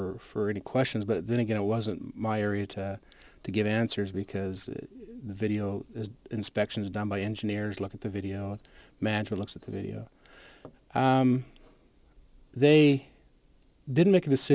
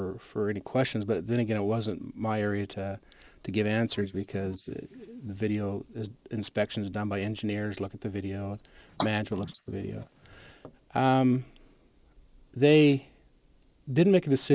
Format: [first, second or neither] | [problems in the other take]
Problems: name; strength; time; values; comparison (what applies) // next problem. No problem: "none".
first | noise reduction (neural mask model Resemble Enhance denoiser)